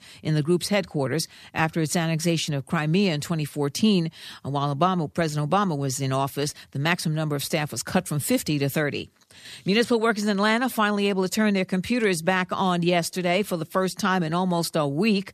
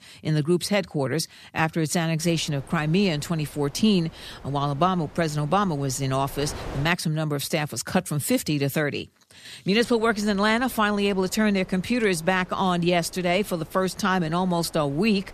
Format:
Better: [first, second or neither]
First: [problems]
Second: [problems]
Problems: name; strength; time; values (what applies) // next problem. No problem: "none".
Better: first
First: none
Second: wind noise on the microphone; occasional gusts; from 2 to 7 s and from 10 s on; 20 dB below the speech